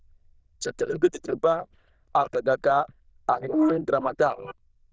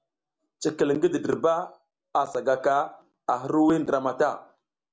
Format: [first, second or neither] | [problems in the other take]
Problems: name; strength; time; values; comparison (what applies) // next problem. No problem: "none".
second | noise reduction (neural diffusion model UNIVERSE++)